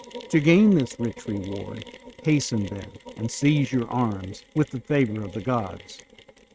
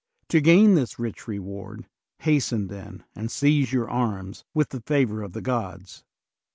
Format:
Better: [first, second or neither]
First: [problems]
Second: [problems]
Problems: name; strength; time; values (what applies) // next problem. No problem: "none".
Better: second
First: noise reduction (neural mask model RNNoise)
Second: none